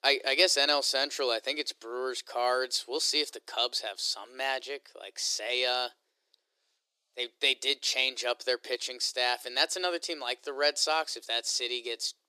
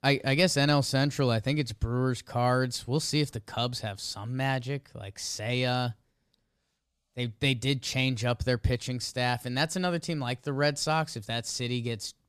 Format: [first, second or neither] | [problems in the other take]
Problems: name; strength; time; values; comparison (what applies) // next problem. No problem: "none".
second | thin; very; fading below 350 Hz